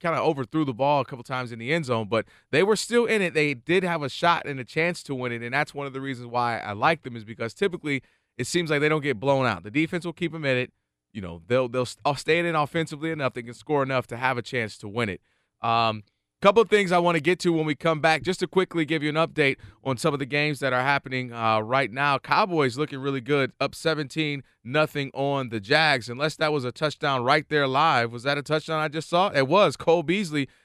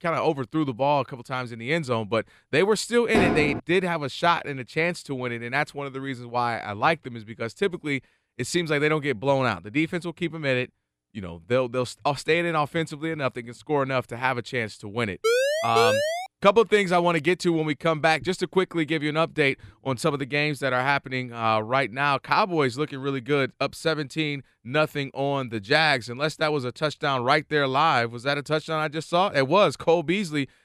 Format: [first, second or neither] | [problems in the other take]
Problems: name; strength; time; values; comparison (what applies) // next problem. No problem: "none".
first | door banging; loud; at 3 s; peak 1 dB above the speech // siren; loud; from 15 to 16 s; peak 2 dB above the speech